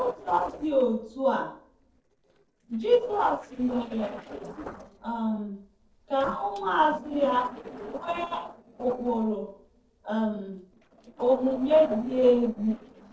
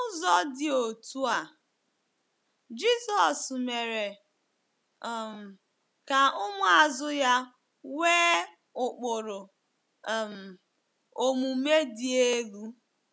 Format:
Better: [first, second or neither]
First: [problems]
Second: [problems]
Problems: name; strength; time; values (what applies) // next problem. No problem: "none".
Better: second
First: noise reduction (neural separator model SepFormer DNS4)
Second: none